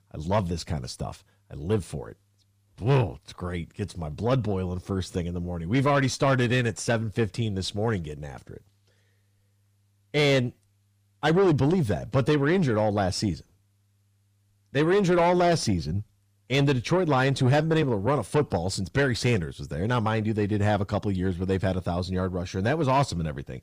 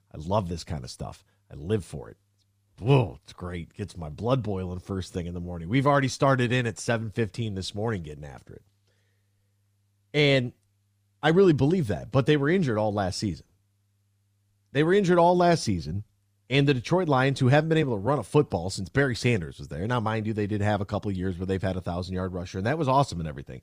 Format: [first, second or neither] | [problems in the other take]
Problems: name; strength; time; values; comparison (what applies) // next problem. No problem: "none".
second | distortion; slight; 10 dB below the speech